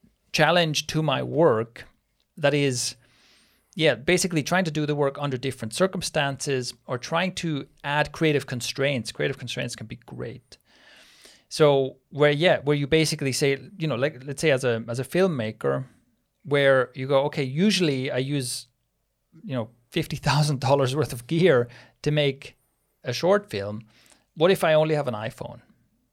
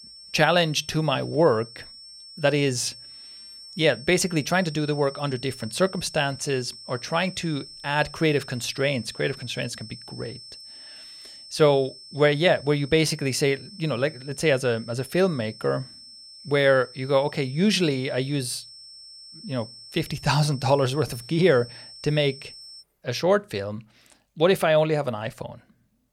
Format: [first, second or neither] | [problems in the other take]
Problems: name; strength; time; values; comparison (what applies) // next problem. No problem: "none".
first | high-pitched whine; noticeable; until 23 s; 5.5 kHz, 15 dB below the speech